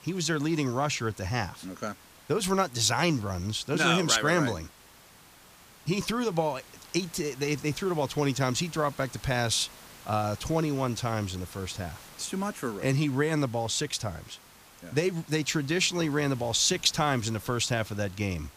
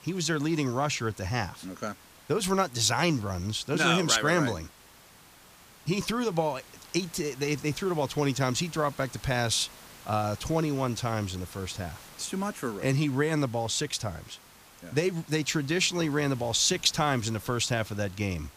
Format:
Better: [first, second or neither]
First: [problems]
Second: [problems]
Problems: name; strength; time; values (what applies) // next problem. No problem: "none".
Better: neither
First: hiss; faint; throughout; 20 dB below the speech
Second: hiss; faint; throughout; 20 dB below the speech